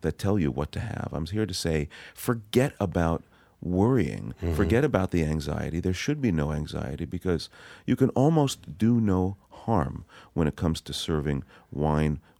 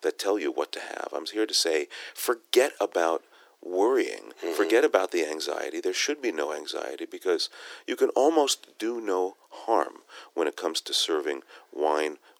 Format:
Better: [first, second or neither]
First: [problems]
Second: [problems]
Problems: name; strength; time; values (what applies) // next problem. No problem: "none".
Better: first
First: none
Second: thin; very; fading below 350 Hz